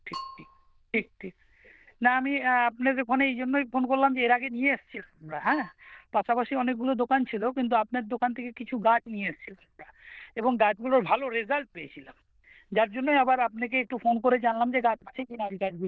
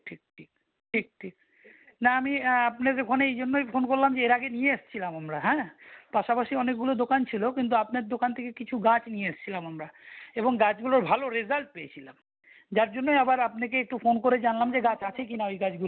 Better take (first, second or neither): second